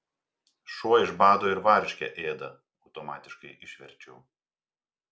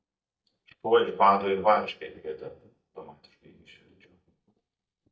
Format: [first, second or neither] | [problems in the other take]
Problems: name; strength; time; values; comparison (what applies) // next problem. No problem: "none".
first | noise reduction (neural mask model DeepFilterNet 3)